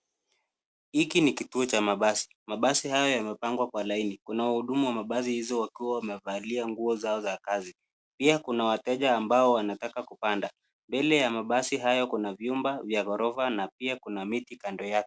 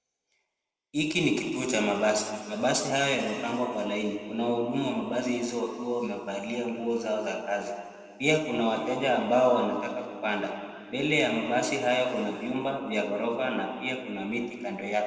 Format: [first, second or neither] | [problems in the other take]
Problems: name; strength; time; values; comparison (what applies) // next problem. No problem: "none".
first | room echo; dies away in 2.1 s